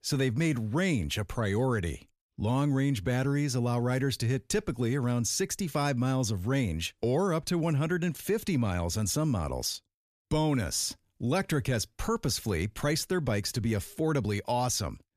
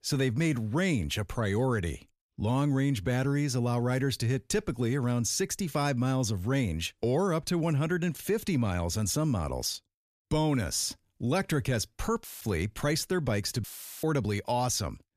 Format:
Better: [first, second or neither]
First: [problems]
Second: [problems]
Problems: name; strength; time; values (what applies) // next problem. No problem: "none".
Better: first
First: none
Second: audio cutting out; filled with static; at 12 s and at 14 s